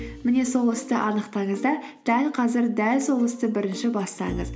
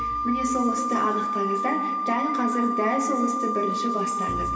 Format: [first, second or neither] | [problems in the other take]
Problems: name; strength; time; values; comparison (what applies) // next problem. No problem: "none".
first | background sound (Wind instrument, woodwind instrument); as loud as the speech // room echo; dies away in 2.5 s